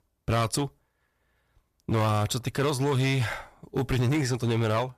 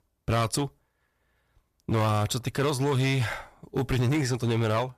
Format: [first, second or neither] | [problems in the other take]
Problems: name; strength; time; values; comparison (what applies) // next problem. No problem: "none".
neither | distortion; slight; 11% of the sound clipped; the same in both